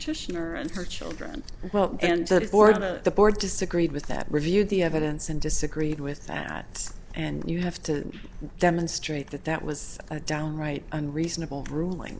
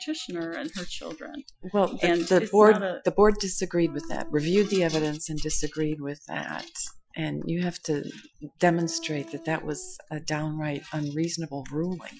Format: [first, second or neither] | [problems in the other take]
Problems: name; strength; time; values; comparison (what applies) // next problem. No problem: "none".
first | noise reduction (classical method Wiener filter)